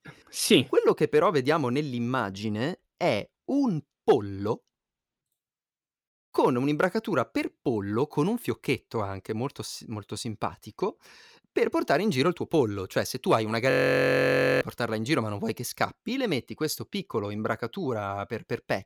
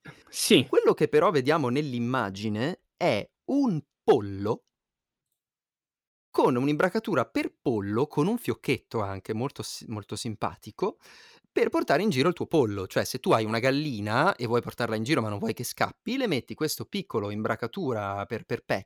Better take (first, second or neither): second